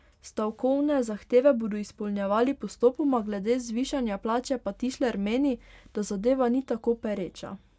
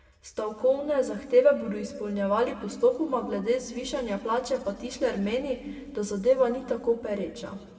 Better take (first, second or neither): first